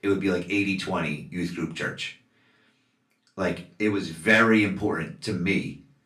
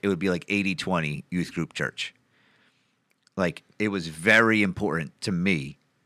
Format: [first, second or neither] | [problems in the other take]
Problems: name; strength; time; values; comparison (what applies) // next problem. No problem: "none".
second | off-mic speech; far // room echo; very slight; dies away in 0.3 s